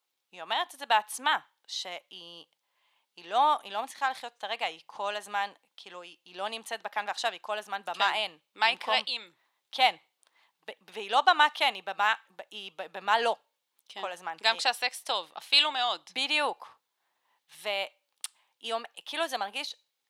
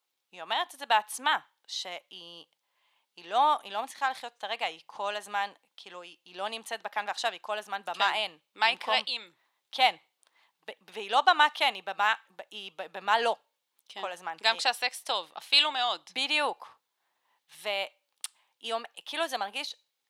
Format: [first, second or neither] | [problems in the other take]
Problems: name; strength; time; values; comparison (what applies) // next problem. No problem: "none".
neither | thin; very; fading below 850 Hz; the same in both